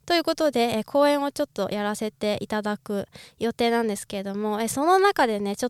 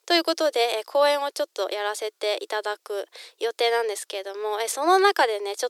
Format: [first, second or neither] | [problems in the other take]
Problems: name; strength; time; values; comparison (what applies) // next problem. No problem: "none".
first | thin; very; fading below 350 Hz